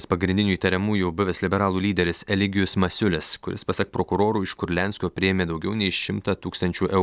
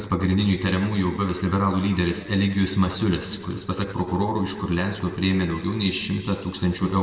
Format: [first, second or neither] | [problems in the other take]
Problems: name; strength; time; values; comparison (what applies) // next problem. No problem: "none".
first | room echo; dies away in 2.1 s